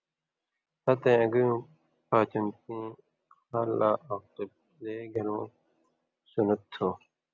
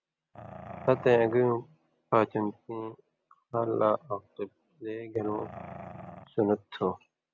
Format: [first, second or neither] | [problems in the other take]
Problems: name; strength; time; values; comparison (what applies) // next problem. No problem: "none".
first | background sound (Growling); 14 dB below the speech